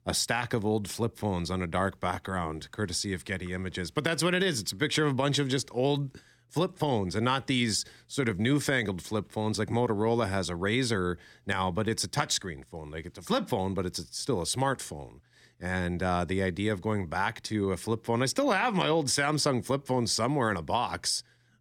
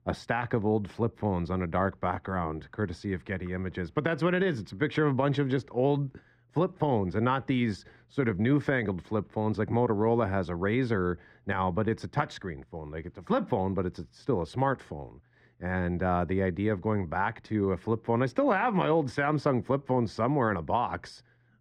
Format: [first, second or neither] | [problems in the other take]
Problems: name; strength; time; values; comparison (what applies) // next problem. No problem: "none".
first | muffled; very; fading above 4 kHz